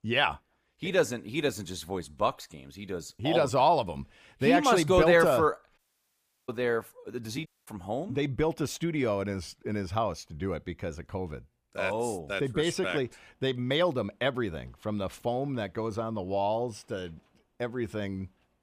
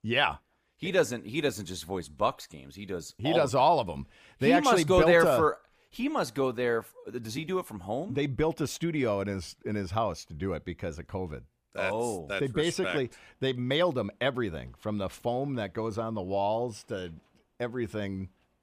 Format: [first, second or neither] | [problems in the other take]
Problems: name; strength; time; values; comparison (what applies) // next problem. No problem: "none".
second | audio cutting out; at 6 s for 0.5 s and at 7.5 s